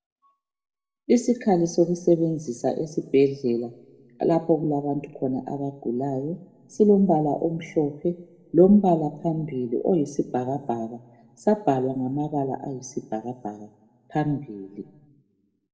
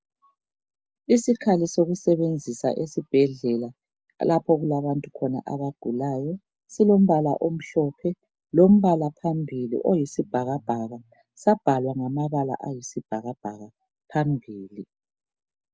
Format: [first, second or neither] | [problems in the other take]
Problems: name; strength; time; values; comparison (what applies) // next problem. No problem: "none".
second | room echo; dies away in 0.7 s